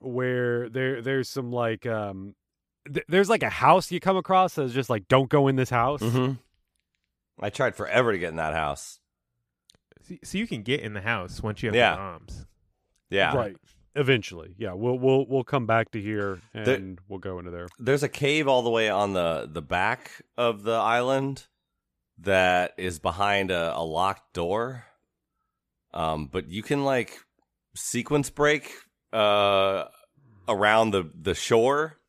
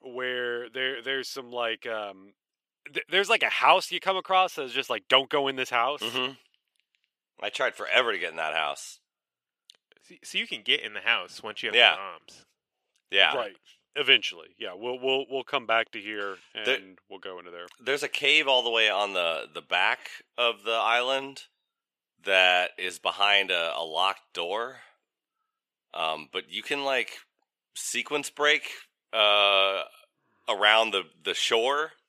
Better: first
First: none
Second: thin; somewhat; fading below 450 Hz

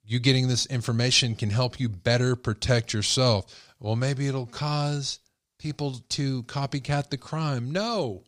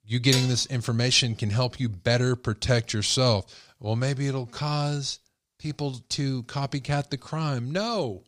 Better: first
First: none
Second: clattering dishes; noticeable; at 0.5 s; peak 3 dB below the speech

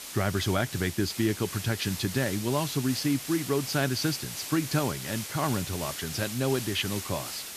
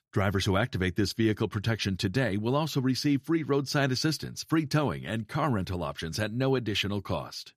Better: second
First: hiss; loud; throughout; 7 dB below the speech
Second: none

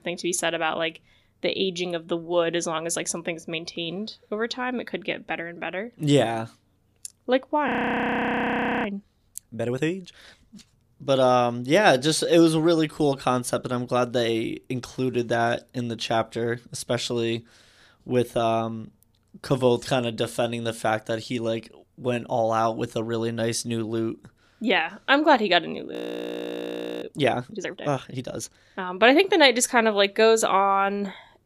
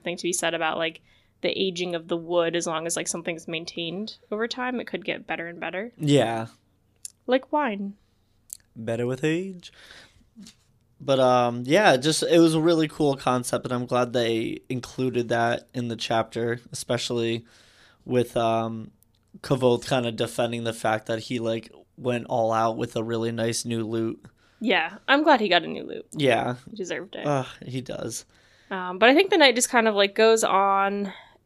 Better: second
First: audio freezing; at 7.5 s for 1 s and at 26 s for 1 s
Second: none

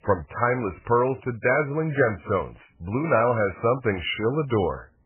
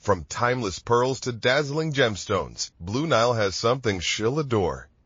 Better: second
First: garbled, watery; badly; nothing above 3 kHz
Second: garbled, watery; slightly

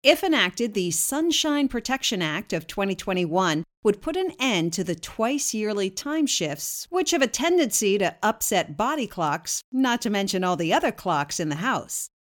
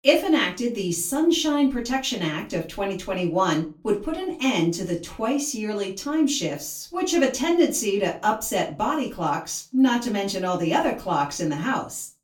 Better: first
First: none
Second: off-mic speech; far // room echo; very slight; dies away in 0.3 s

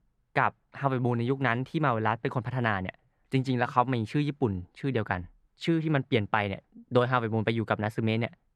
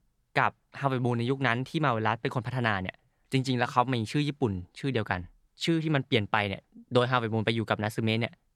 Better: second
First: muffled; slightly; fading above 3 kHz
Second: none

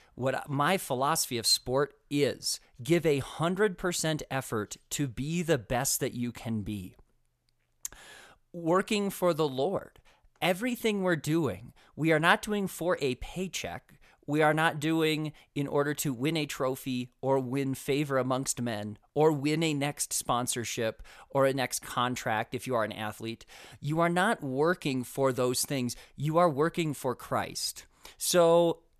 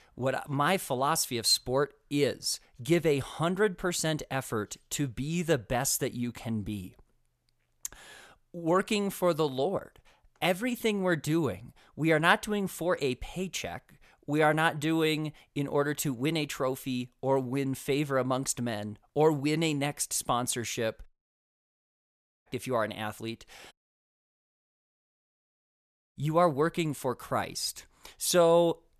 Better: first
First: none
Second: audio cutting out; at 21 s for 1.5 s and at 24 s for 2.5 s

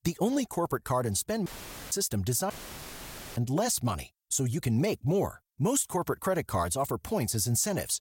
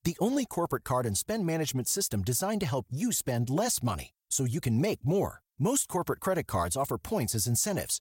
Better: second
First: audio cutting out; filled with static; at 1.5 s and at 2.5 s for 1 s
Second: none

